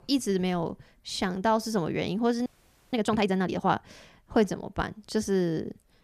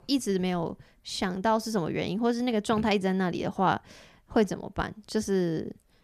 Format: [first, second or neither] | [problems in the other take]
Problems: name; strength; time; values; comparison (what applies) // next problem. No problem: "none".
second | audio freezing; at 2.5 s